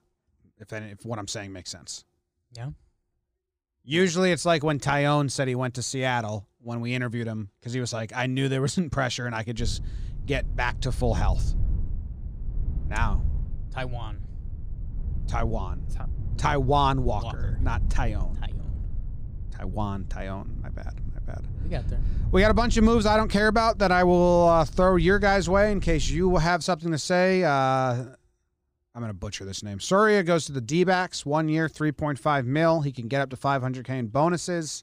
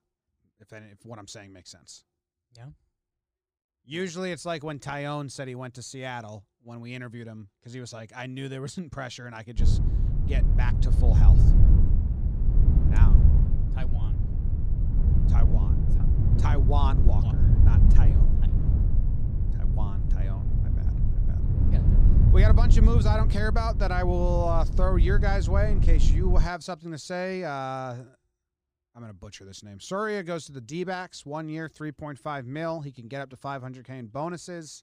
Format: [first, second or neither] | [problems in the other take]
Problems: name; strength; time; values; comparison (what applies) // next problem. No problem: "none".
first | low rumble; loud; from 9.5 to 26 s; 6 dB below the speech; faint in the first